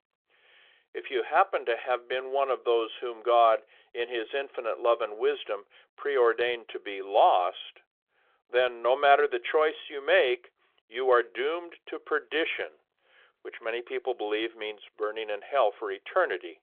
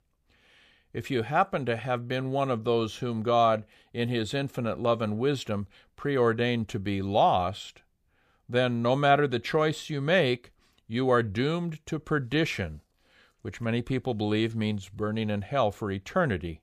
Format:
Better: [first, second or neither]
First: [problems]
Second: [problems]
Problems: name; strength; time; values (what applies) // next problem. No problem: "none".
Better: second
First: phone-call audio; nothing above 3.5 kHz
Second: none